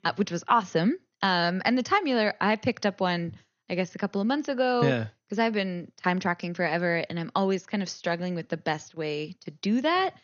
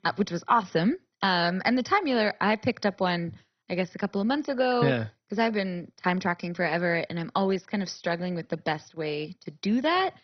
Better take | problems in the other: first | garbled, watery; badly; nothing above 6 kHz; slightly in the first

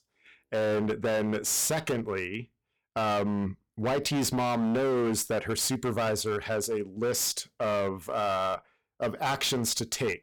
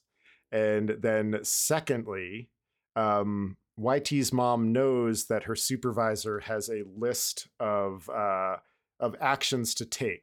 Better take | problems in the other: second | distortion; heavy; 20% of the sound clipped

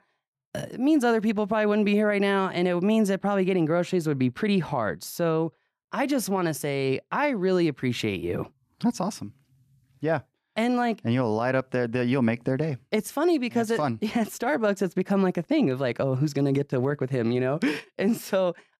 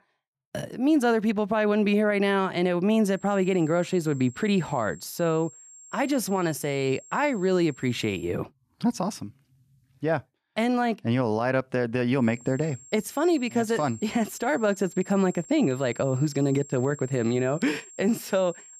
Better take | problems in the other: first | high-pitched whine; noticeable; from 3 to 8.5 s and from 12 s on; 7.5 kHz, 20 dB below the speech

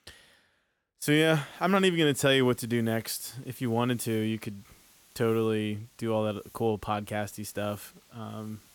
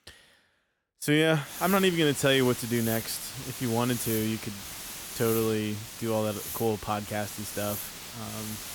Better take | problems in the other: first | hiss; loud; from 1.5 s on; 8 dB below the speech; faint in the first

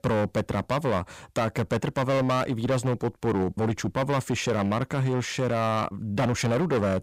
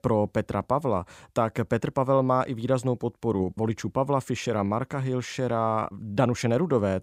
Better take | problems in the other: second | distortion; heavy; 17% of the sound clipped

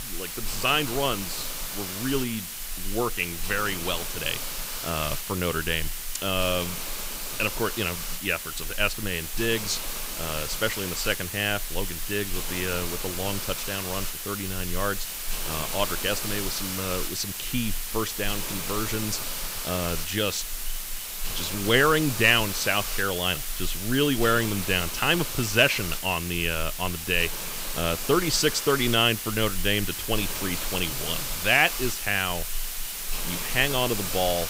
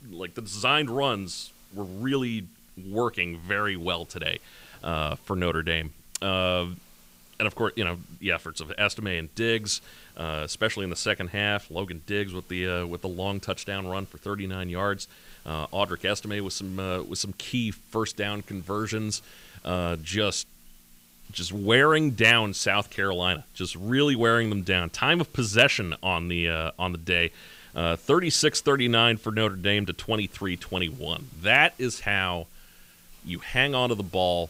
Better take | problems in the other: second | hiss; loud; throughout; 4 dB below the speech; faint in the second

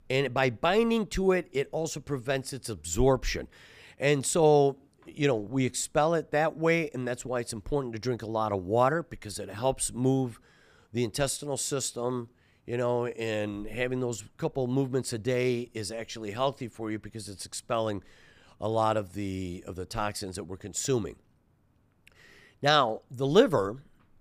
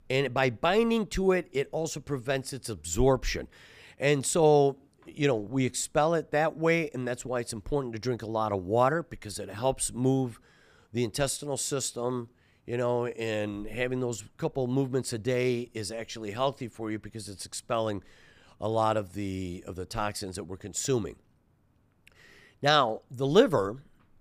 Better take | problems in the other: neither | none

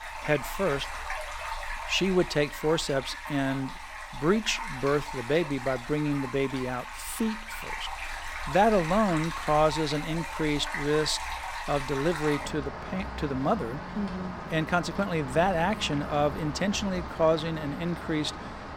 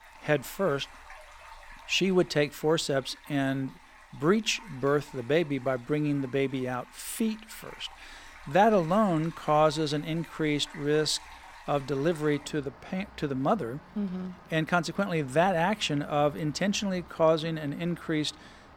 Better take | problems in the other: second | rain or running water; loud; throughout; 8 dB below the speech; faint in the second

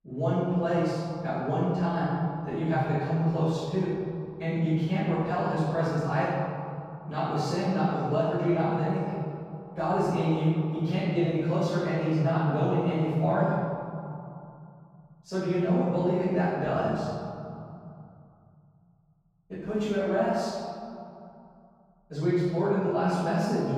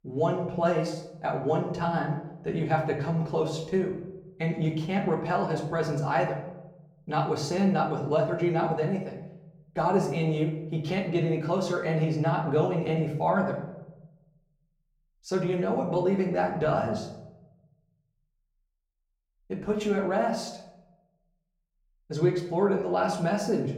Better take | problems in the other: second | room echo; strong; dies away in 2.6 s; slight in the second // off-mic speech; far; far in the second

